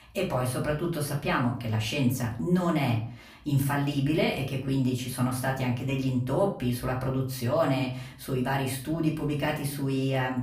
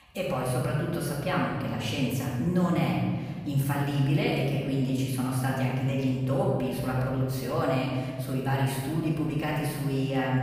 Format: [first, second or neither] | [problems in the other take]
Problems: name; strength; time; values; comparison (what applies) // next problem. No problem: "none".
first | room echo; strong; dies away in 1.8 s; slight in the first // off-mic speech; far; far in the first